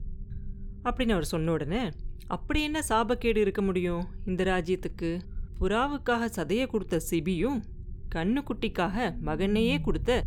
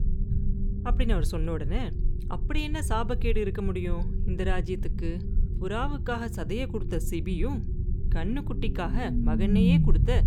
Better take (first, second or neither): first